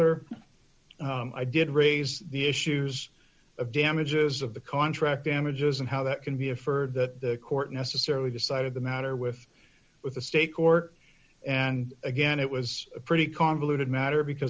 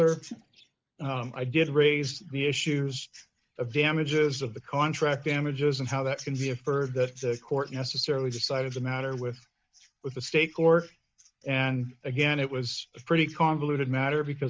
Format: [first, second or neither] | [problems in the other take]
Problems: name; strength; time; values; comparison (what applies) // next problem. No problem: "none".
first | noise reduction (neural mask model DeepFilterNet 3)